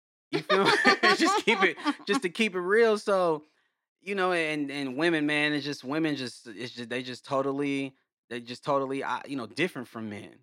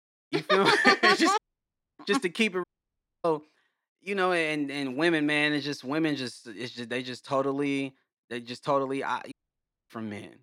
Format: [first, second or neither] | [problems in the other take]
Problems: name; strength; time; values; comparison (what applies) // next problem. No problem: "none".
first | audio cutting out; at 1.5 s for 0.5 s, at 2.5 s for 0.5 s and at 9.5 s for 0.5 s